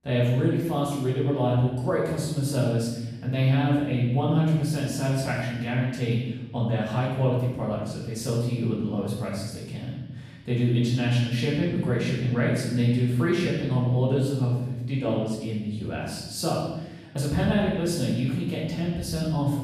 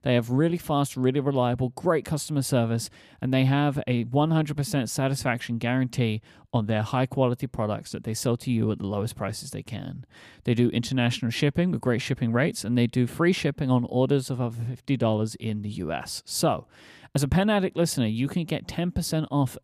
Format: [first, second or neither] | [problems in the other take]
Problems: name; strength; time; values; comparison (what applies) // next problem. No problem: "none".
second | off-mic speech; far // room echo; noticeable; dies away in 1.1 s